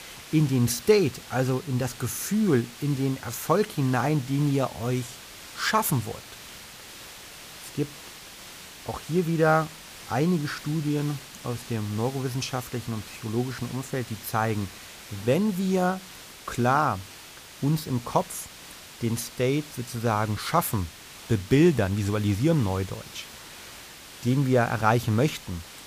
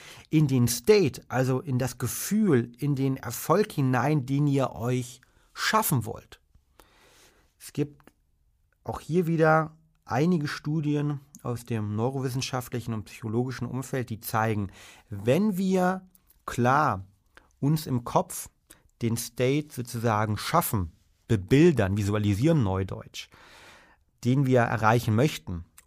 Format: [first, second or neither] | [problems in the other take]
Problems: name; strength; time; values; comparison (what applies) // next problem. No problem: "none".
second | hiss; noticeable; throughout; 15 dB below the speech